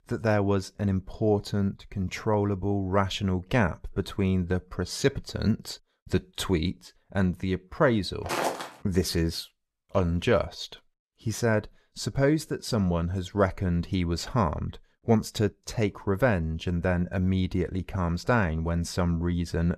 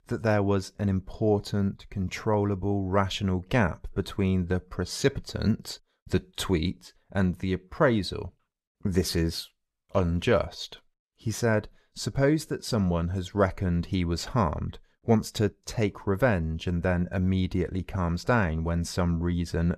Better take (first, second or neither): second